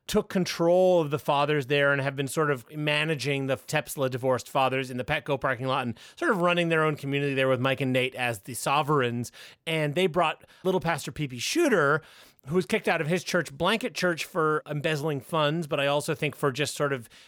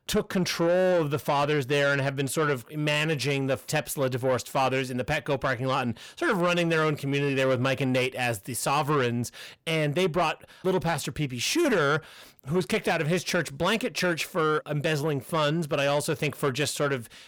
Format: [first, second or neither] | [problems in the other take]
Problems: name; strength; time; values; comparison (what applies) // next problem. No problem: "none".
first | distortion; slight; 10 dB below the speech